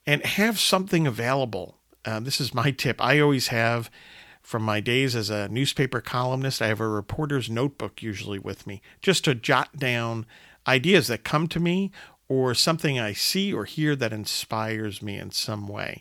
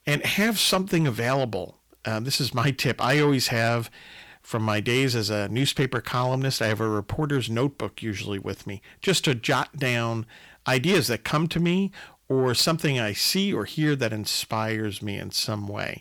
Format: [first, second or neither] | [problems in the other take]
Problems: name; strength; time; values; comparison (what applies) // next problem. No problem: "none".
first | distortion; slight; 10 dB below the speech